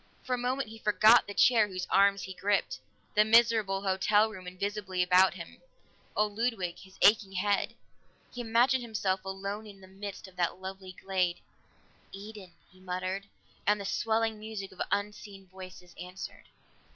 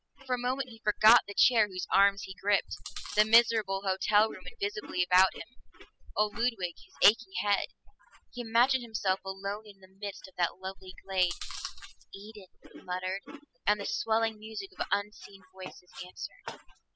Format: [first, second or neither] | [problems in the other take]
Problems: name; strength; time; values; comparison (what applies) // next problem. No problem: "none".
first | noise reduction (classical method spectral subtraction)